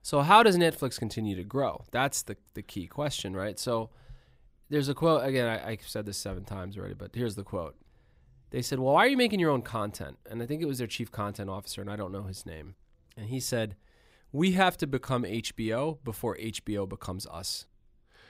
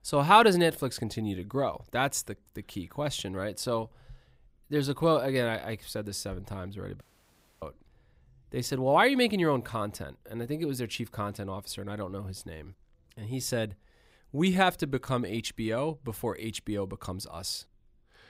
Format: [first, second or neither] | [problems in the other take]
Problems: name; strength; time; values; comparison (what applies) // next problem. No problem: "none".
first | audio cutting out; at 7 s for 0.5 s